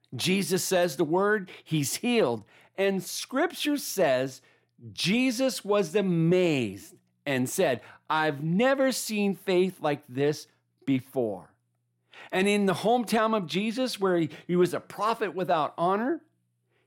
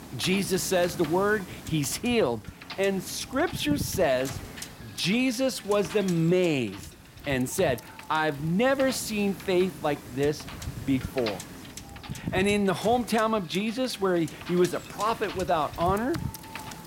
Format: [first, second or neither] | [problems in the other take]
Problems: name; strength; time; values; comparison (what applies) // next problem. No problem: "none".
first | wind noise on the microphone; occasional gusts; 15 dB below the speech